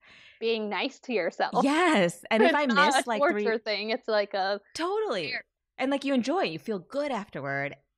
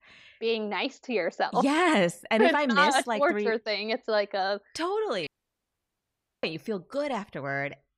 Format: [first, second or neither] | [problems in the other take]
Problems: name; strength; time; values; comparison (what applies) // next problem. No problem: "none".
first | audio cutting out; at 5.5 s for 1 s